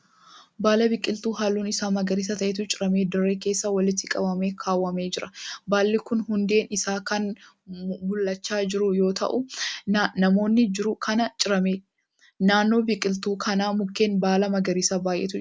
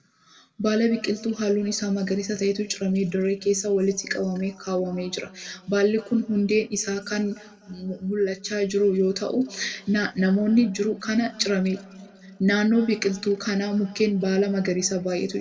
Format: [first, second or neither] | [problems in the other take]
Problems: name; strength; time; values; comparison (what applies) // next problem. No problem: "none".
first | room echo; dies away in 1.8 s